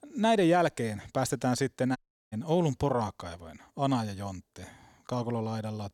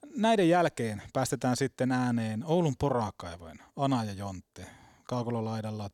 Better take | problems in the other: second | audio cutting out; at 2 s

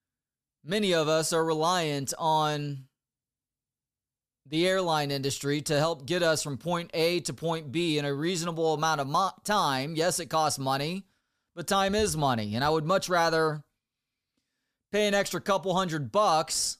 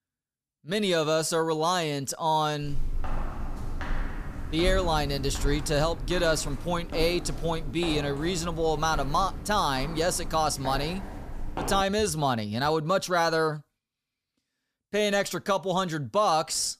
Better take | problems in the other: first | footsteps; noticeable; from 2.5 to 12 s; peak 6 dB below the speech

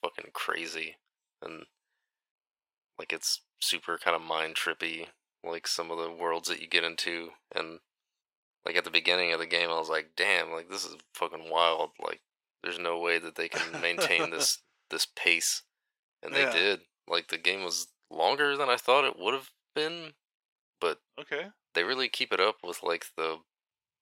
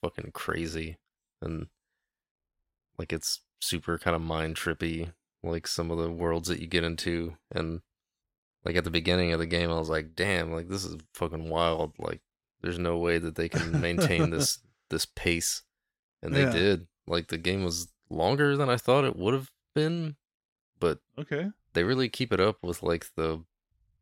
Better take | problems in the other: second | thin; very; fading below 550 Hz

